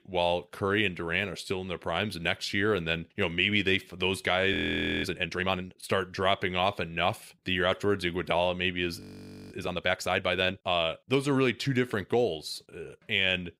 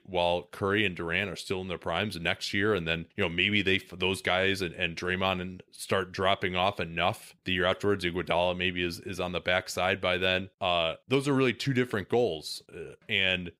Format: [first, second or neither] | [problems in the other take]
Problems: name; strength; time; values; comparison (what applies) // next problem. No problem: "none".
second | audio freezing; at 4.5 s and at 9 s for 0.5 s